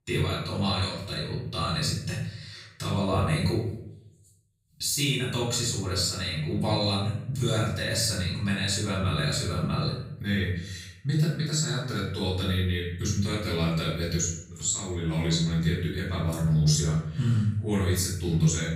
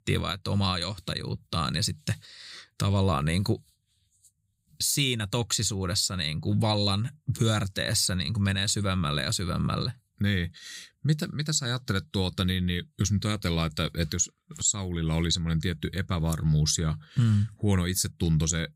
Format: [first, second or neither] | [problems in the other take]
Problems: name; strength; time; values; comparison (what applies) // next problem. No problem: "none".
second | off-mic speech; far // room echo; noticeable; dies away in 0.6 s